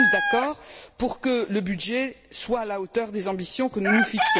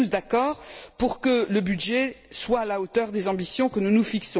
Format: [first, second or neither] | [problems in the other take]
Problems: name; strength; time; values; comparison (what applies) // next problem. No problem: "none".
second | background sound (Chicken, rooster); 2 dB below the speech